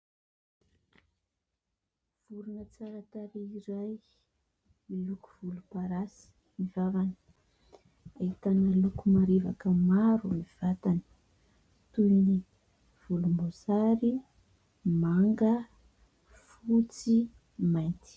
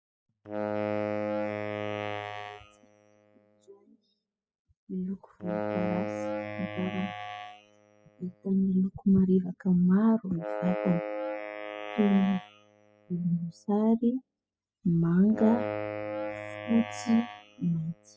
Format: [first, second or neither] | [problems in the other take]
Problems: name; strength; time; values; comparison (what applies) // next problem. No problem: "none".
first | noise reduction (classical method spectral subtraction)